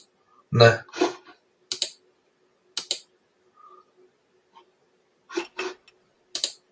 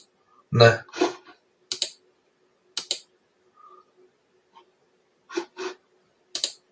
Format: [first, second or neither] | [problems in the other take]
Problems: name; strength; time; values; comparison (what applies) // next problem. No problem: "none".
second | background sound (Chink, clink); 15 dB below the speech